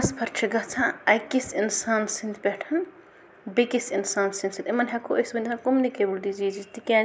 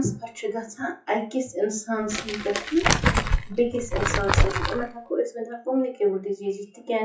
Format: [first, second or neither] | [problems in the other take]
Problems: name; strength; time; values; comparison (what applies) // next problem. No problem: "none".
first | noise reduction (classical method WPE with log-MMSE)